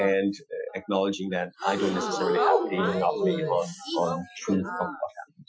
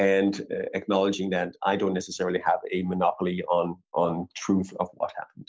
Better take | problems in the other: second | noise reduction (classical method Wiener filter)

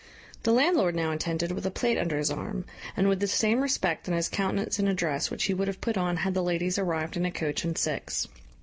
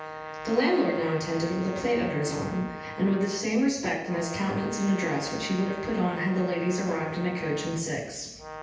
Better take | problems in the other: first | background sound (Brass instrument); 11 dB below the speech // room echo; dies away in 0.9 s

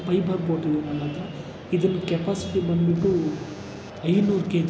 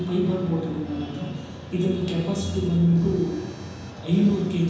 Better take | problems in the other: first | room echo; dies away in 1.1 s

